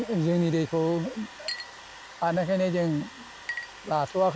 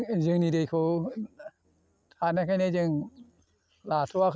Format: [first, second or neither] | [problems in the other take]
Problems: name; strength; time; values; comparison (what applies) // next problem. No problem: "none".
second | background sound (Domestic sounds, home sounds + Chink, clink); 14 dB below the speech